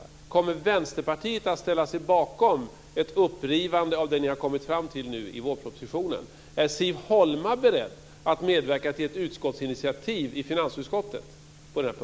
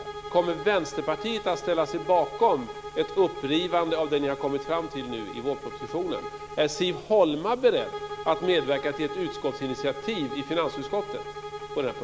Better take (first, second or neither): first